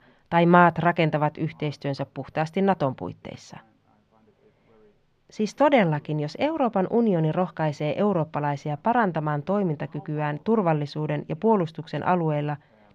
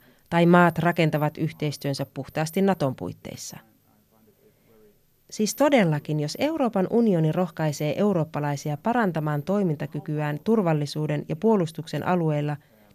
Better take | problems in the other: second | muffled; slightly; fading above 3 kHz

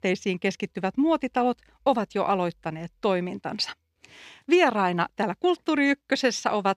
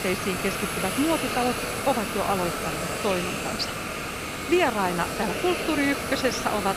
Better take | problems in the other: first | hiss; loud; throughout; 2 dB below the speech

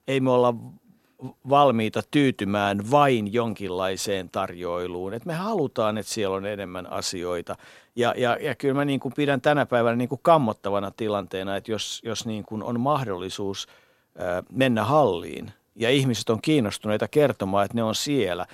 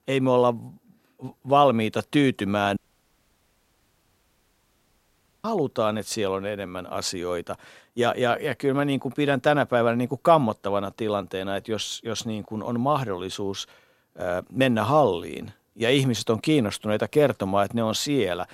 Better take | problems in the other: first | audio cutting out; at 3 s for 2.5 s

